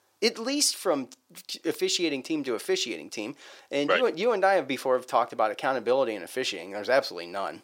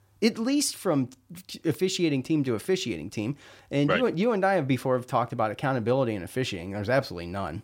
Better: second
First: thin; somewhat; fading below 450 Hz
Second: none

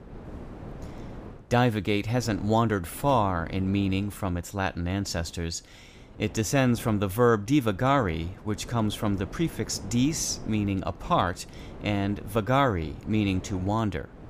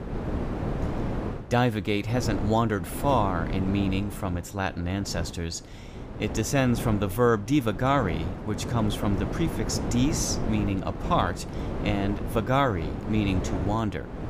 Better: first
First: wind noise on the microphone; occasional gusts; 20 dB below the speech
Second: wind noise on the microphone; heavy; 9 dB below the speech

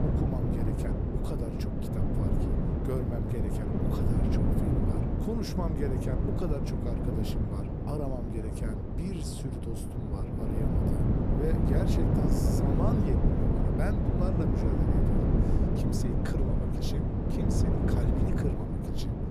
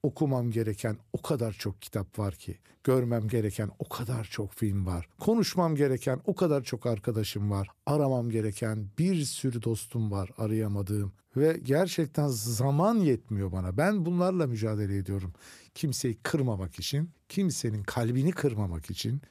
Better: second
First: wind noise on the microphone; heavy; 4 dB above the speech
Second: none

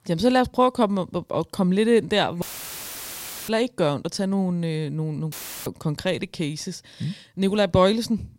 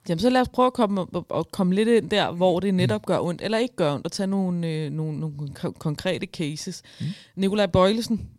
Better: second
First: audio cutting out; filled with static; at 2.5 s for 1 s and at 5.5 s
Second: none

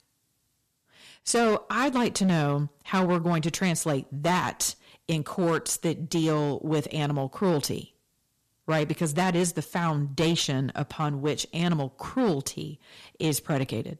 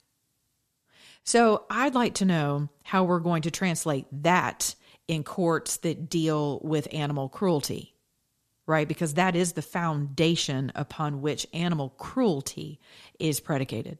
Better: second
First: distortion; slight; 7% of the sound clipped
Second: none

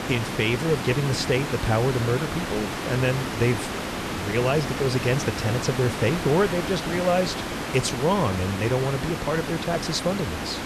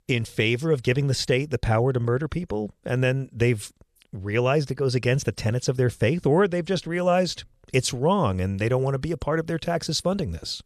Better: second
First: hiss; loud; throughout; 4 dB below the speech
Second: none

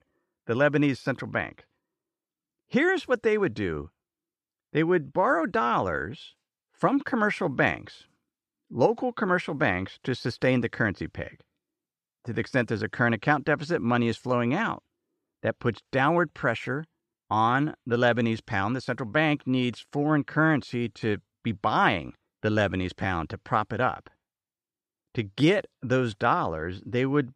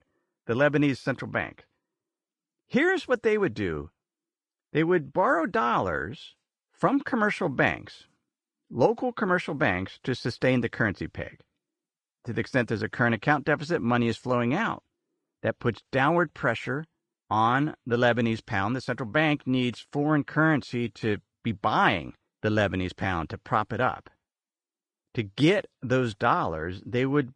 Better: first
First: none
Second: garbled, watery; slightly

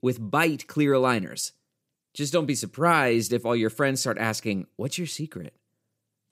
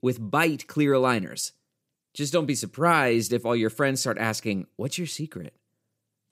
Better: neither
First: none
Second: none

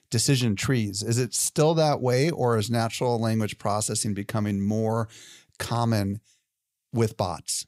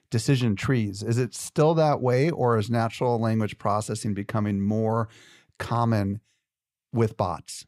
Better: first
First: none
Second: muffled; slightly; fading above 3.5 kHz

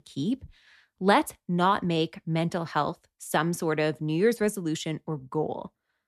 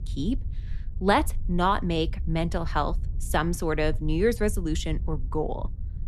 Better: first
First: none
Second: low rumble; faint; throughout; 25 dB below the speech

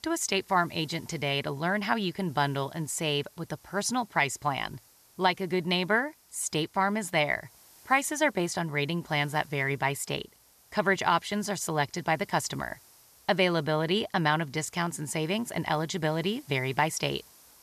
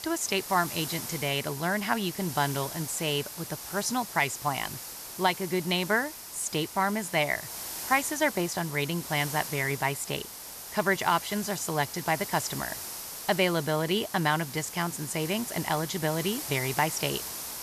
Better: first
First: hiss; faint; throughout; 25 dB below the speech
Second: hiss; loud; throughout; 8 dB below the speech

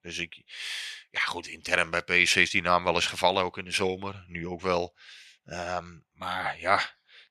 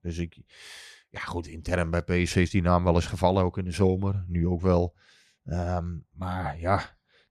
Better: second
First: thin; somewhat; fading below 1 kHz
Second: none

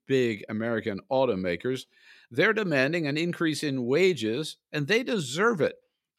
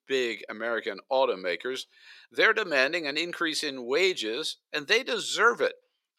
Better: first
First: none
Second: thin; somewhat; fading below 500 Hz

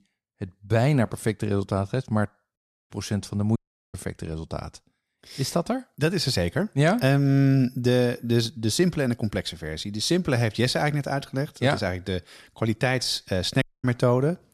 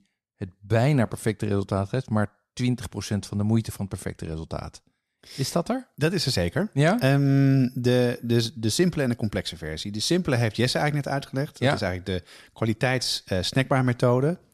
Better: second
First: audio cutting out; at 2.5 s, at 3.5 s and at 14 s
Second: none

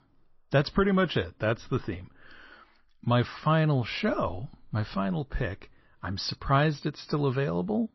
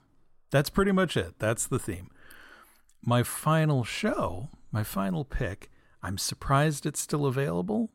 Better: second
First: garbled, watery; slightly; nothing above 5.5 kHz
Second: none

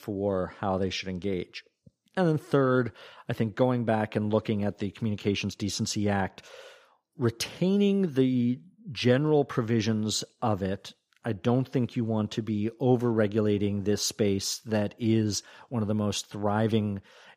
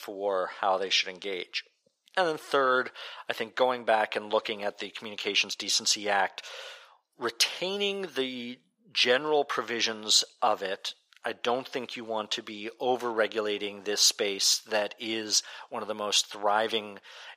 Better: first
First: none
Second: thin; very; fading below 750 Hz

